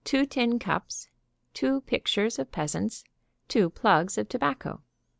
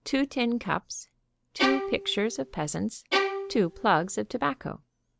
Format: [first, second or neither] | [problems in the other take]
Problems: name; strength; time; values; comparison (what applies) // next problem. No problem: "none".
first | background sound (Bowed string instrument); 3 dB below the speech